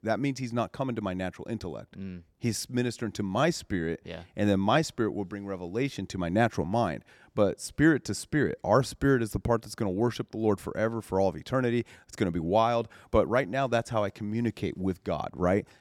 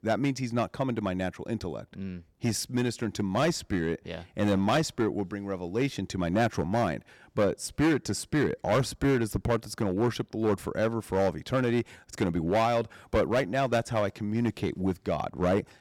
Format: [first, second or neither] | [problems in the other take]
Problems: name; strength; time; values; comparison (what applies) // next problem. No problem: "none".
first | distortion; slight; 6% of the sound clipped